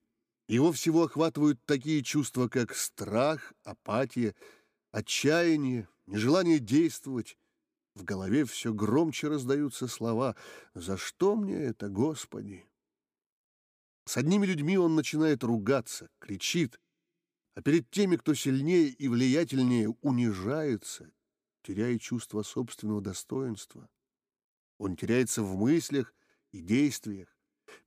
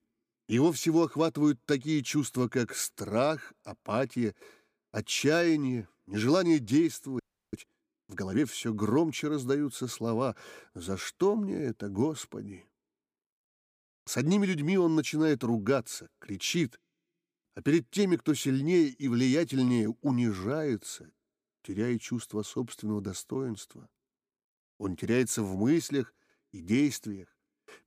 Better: first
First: none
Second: audio freezing; at 7 s

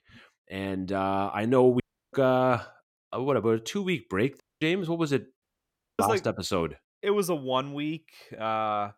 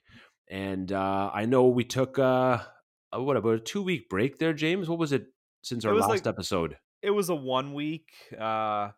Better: second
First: audio cutting out; at 2 s, at 4.5 s and at 5.5 s for 0.5 s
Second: none

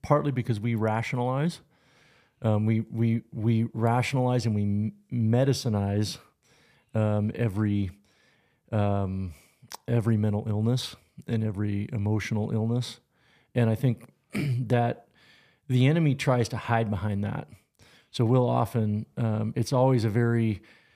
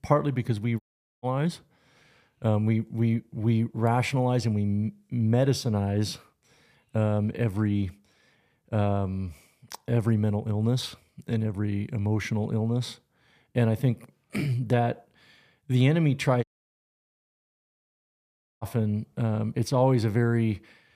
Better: first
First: none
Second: audio cutting out; at 1 s and at 16 s for 2 s

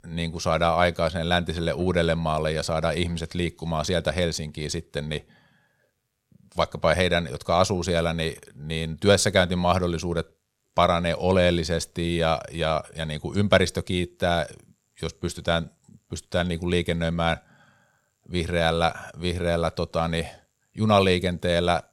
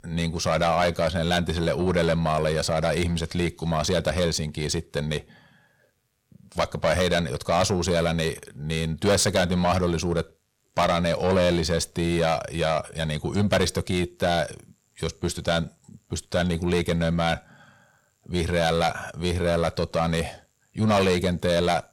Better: first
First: none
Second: distortion; heavy; 8 dB below the speech

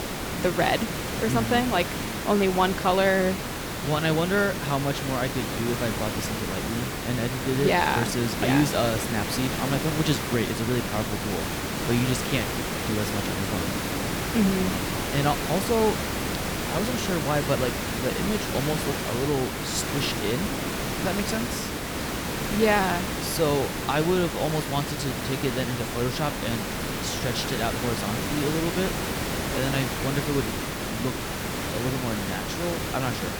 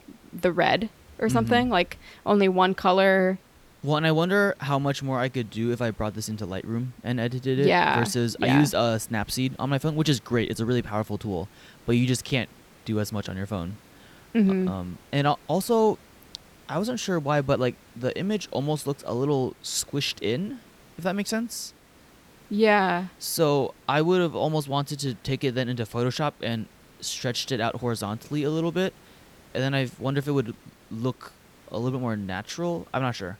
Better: second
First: hiss; loud; throughout; 2 dB below the speech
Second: hiss; faint; throughout; 25 dB below the speech

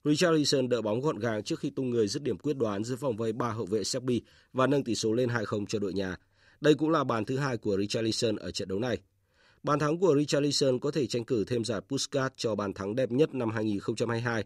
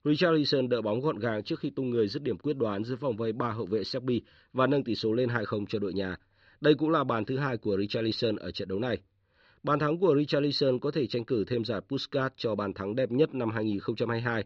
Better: first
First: none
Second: muffled; very slightly; fading above 4 kHz

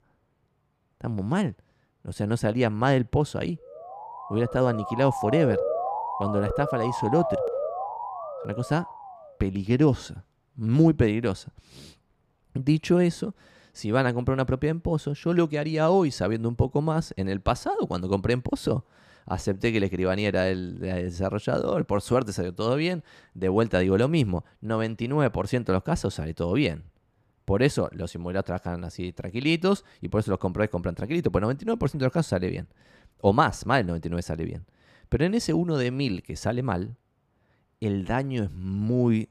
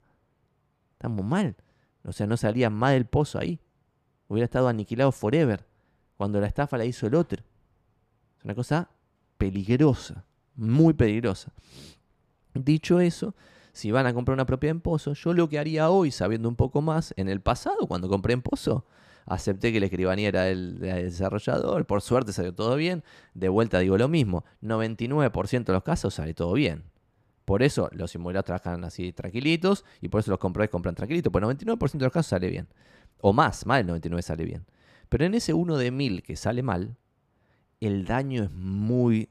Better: second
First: siren; noticeable; from 4 to 9 s; peak 1 dB below the speech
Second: none

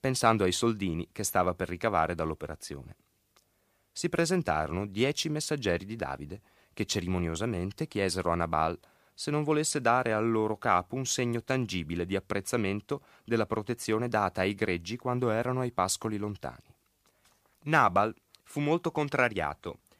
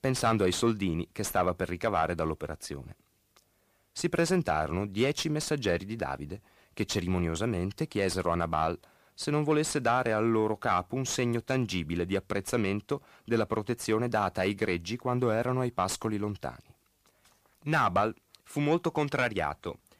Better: first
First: none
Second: distortion; slight; 10 dB below the speech

